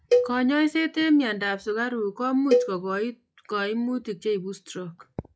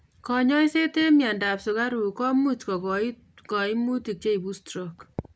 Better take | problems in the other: second | noise reduction (classical method log-MMSE)

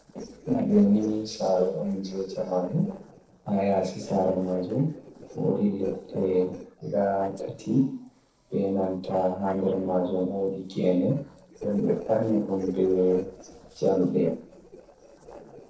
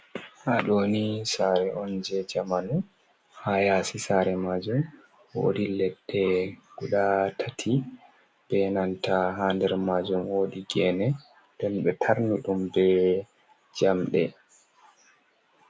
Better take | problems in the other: second | noise reduction (neural separator model SepFormer DNS4)

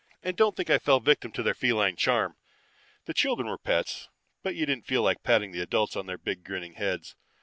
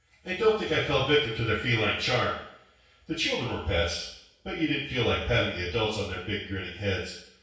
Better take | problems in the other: first | room echo; dies away in 0.6 s

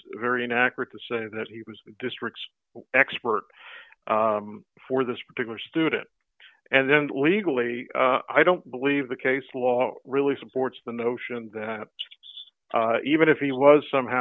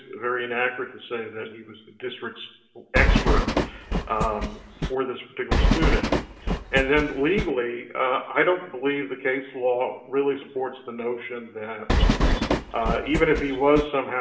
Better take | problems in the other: first | background sound (Train); 3 dB above the speech // room echo; dies away in 0.7 s

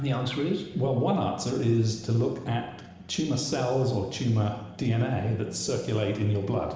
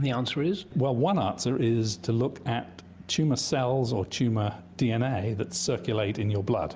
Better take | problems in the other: second | room echo; dies away in 1.1 s

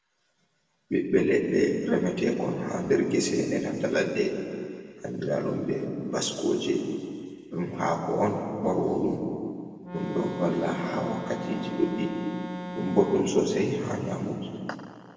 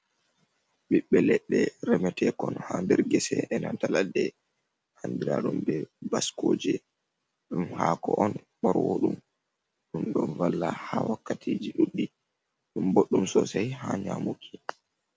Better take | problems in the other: second | background sound (Organ); 9 dB below the speech // room echo; dies away in 2.1 s

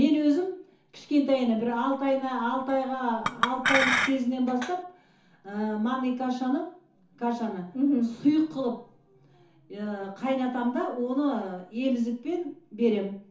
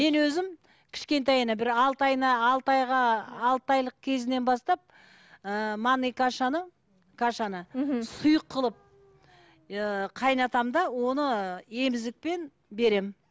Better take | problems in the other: second | background sound (Chink, clink); 2 dB below the speech // room echo; dies away in 0.9 s

